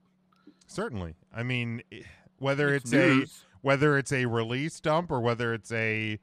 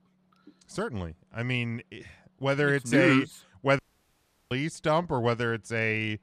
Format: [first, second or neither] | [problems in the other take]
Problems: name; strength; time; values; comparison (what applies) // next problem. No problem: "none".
first | audio cutting out; at 4 s for 0.5 s